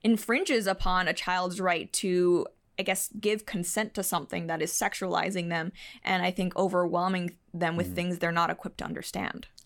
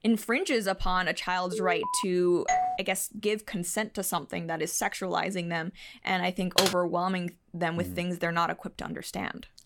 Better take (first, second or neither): first